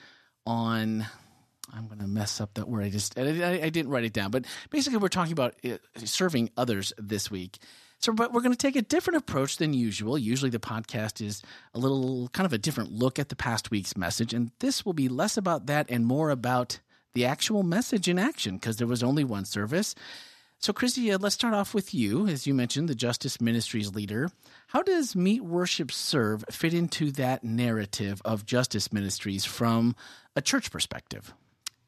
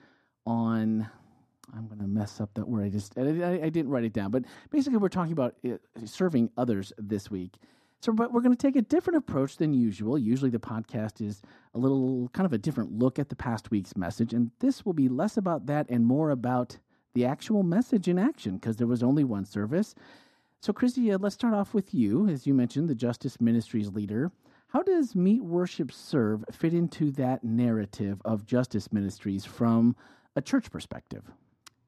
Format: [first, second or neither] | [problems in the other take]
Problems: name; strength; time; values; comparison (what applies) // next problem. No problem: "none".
first | muffled; slightly; fading above 1.5 kHz